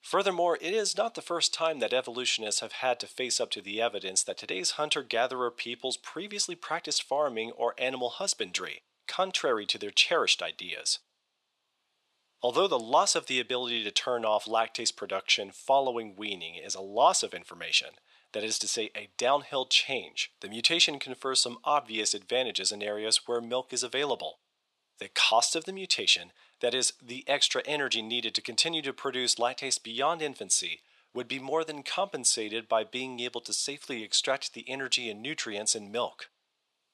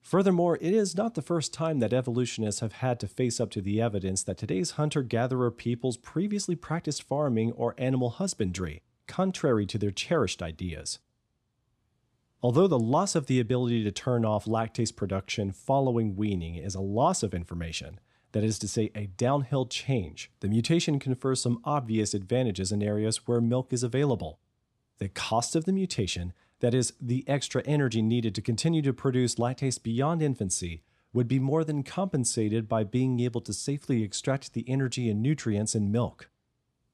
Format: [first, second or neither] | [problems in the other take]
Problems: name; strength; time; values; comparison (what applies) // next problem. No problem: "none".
second | thin; very; fading below 700 Hz